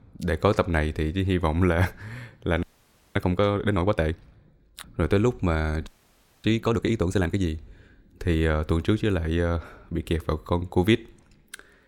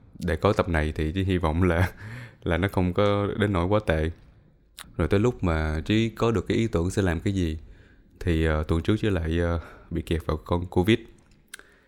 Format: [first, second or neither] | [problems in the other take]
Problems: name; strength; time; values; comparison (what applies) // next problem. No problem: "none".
second | audio freezing; at 2.5 s for 0.5 s and at 6 s for 0.5 s